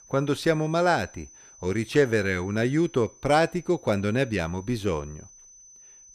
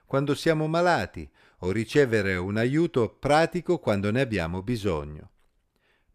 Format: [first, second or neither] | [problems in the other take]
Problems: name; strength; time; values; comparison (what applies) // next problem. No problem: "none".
second | high-pitched whine; faint; throughout; 6 kHz, 25 dB below the speech